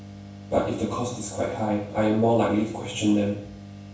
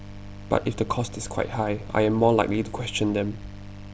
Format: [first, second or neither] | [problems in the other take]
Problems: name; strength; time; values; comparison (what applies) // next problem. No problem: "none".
second | room echo; dies away in 0.7 s